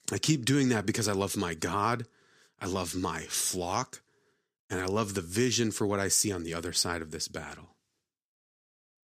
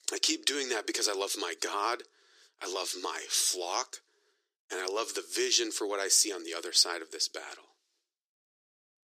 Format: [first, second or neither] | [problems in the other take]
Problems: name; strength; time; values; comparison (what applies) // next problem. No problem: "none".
first | thin; very; fading below 350 Hz